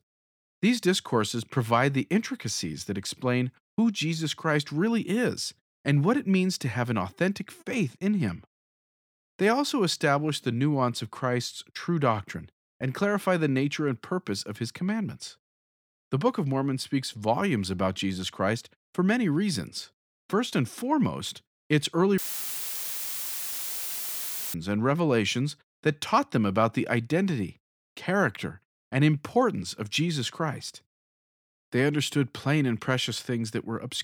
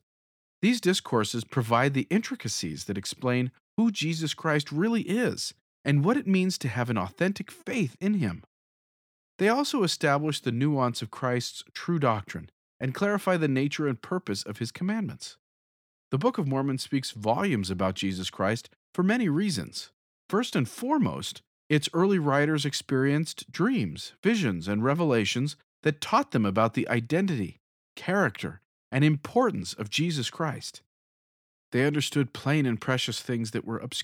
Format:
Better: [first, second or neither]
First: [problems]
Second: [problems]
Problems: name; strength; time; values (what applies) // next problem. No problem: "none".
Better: second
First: audio cutting out; filled with static; at 22 s for 2.5 s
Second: none